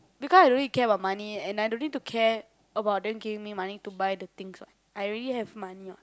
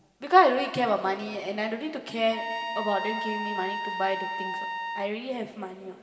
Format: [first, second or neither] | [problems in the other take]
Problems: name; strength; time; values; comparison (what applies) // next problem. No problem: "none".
first | background sound (Trumpet); 6 dB below the speech // room echo; dies away in 2.2 s